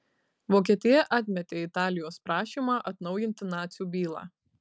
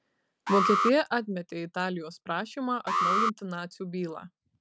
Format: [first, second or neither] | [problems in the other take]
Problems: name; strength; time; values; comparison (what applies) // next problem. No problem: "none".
first | background sound (Alarm); as loud as the speech